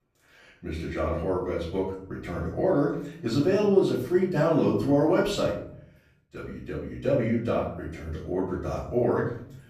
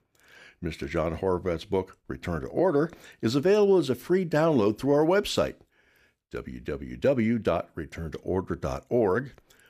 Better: second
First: room echo; noticeable; dies away in 0.6 s // off-mic speech; far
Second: none

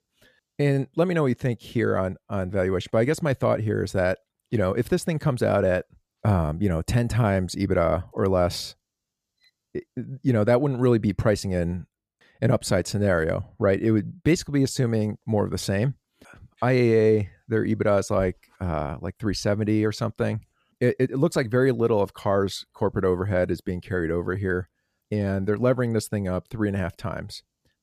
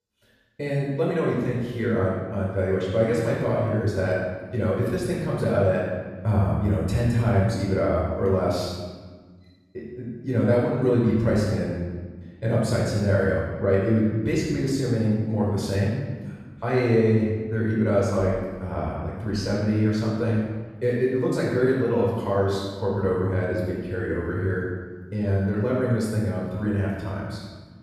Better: first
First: none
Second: off-mic speech; far // room echo; strong; dies away in 1.2 s

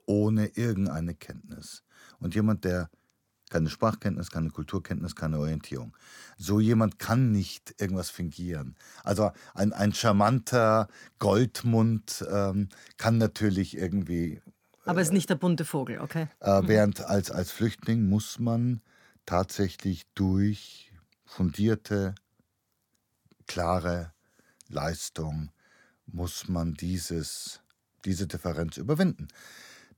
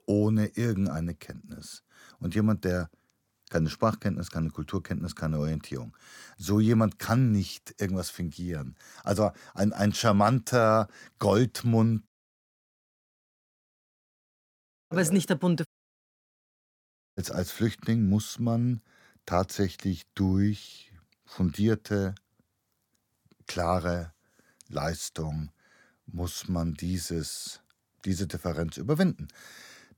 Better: first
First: none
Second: audio cutting out; at 12 s for 3 s and at 16 s for 1.5 s

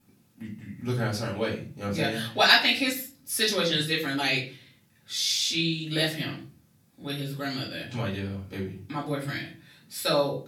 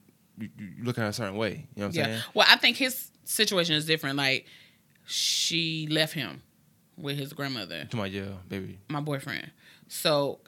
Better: second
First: off-mic speech; far // room echo; slight; dies away in 0.4 s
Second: none

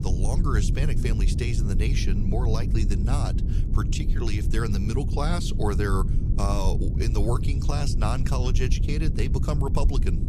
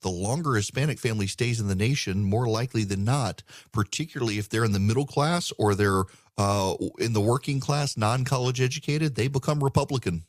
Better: second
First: low rumble; loud; throughout; 7 dB below the speech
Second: none

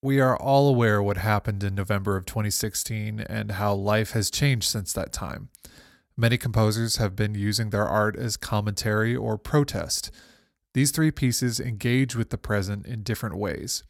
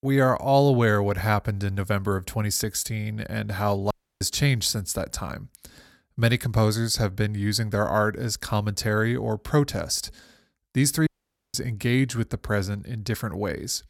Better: first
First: none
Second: audio cutting out; at 4 s and at 11 s

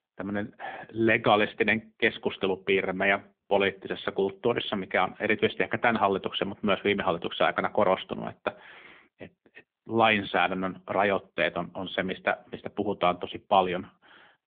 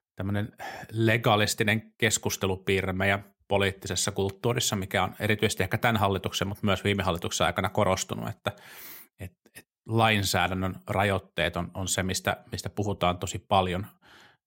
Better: second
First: phone-call audio; nothing above 3.5 kHz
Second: none

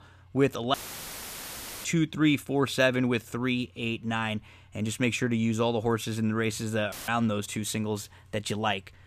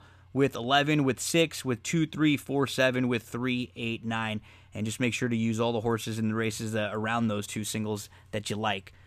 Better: second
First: audio cutting out; filled with static; at 0.5 s for 1 s and at 7 s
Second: none

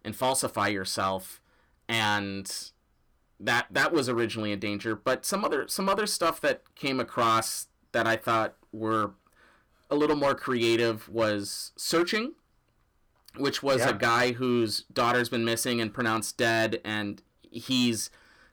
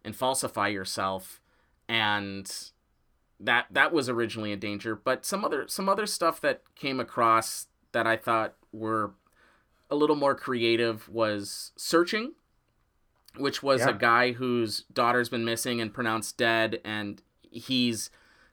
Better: second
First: distortion; slight; 5% of the sound clipped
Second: none

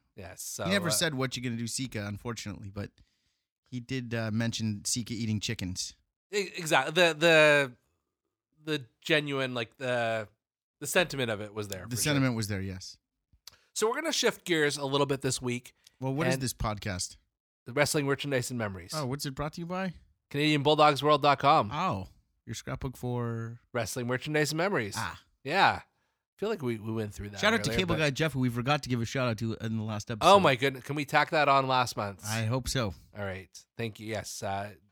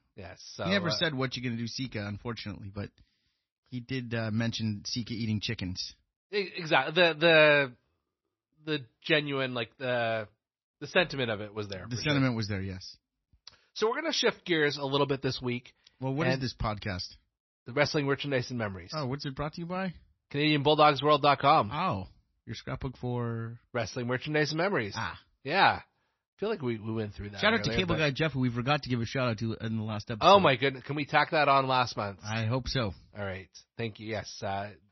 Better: first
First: none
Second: garbled, watery; slightly; nothing above 6 kHz

